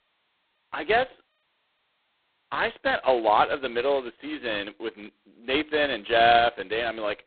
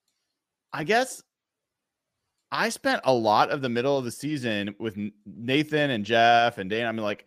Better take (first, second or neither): second